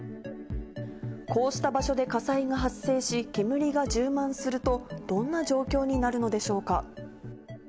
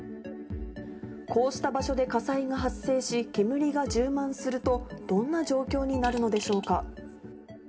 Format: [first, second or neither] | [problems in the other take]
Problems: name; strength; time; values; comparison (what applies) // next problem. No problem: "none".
first | background sound (Fart); 16 dB below the speech // room echo; dies away in 0.3 s